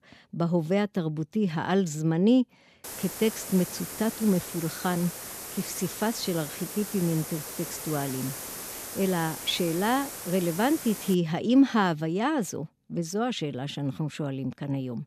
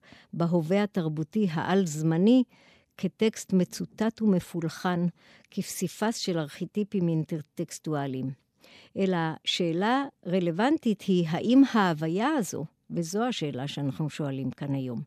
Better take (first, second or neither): second